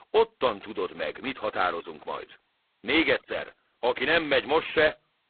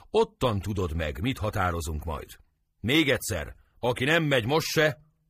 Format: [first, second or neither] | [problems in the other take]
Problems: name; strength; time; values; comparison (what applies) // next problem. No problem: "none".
second | phone-call audio; poor line; nothing above 4 kHz